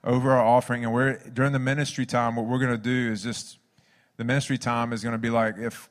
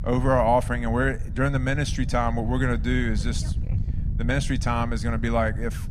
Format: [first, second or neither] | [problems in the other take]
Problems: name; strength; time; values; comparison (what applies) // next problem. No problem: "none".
first | wind noise on the microphone; occasional gusts; 20 dB below the speech